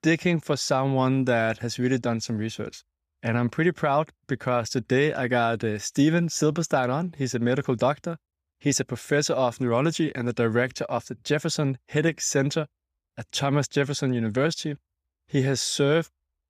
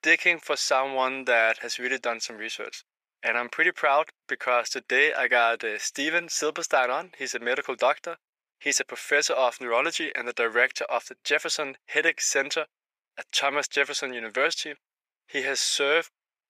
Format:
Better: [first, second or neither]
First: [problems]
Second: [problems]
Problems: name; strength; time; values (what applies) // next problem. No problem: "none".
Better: first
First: none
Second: thin; very; fading below 500 Hz